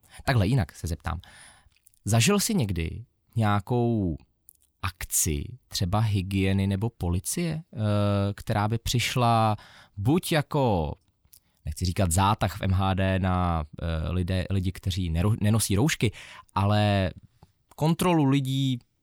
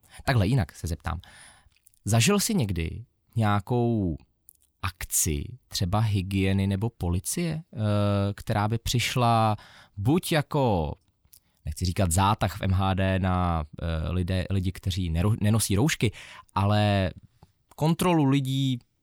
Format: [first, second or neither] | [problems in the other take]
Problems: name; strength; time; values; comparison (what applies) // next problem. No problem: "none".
neither | none